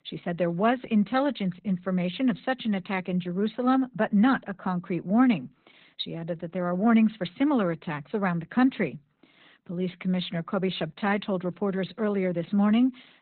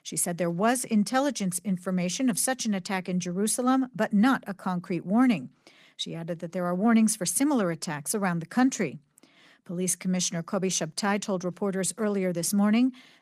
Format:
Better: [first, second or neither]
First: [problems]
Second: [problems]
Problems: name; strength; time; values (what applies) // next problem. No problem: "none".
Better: second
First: garbled, watery; badly; nothing above 4 kHz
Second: garbled, watery; slightly